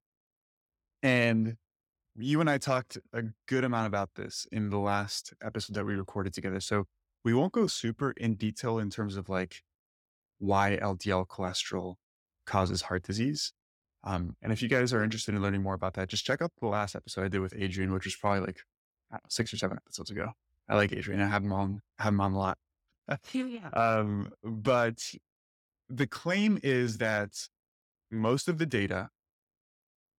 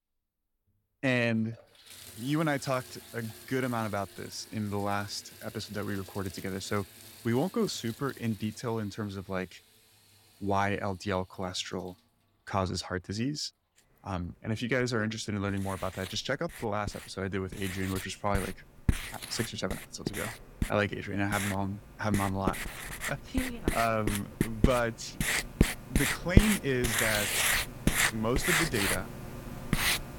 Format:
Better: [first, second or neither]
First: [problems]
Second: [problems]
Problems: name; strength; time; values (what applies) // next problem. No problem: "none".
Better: first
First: none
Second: household noises; very loud; throughout; 1 dB above the speech